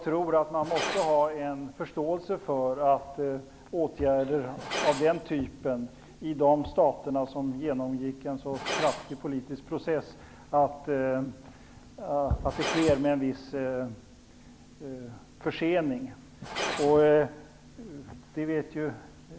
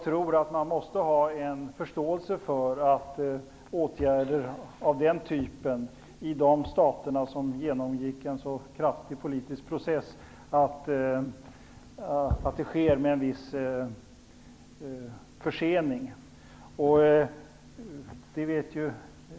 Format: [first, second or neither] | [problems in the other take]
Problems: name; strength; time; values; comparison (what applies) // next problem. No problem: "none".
second | background sound (Glass); 13 dB below the speech